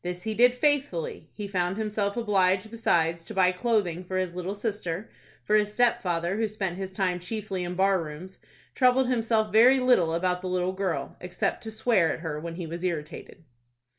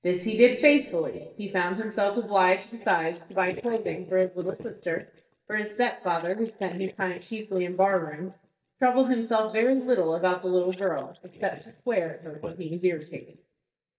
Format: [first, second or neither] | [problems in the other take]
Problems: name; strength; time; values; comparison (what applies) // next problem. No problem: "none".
first | noise reduction (neural mask model DeepFilterNet 3)